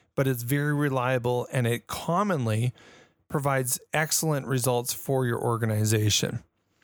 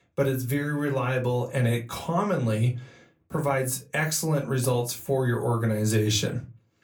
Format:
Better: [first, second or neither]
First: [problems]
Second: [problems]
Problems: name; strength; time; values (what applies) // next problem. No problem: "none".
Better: first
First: none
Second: off-mic speech; somewhat distant // room echo; very slight; dies away in 0.2 s